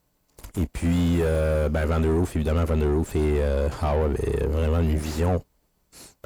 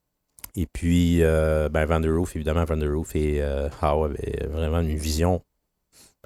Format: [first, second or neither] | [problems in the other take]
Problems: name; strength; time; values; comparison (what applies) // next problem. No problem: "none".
second | distortion; heavy; 7 dB below the speech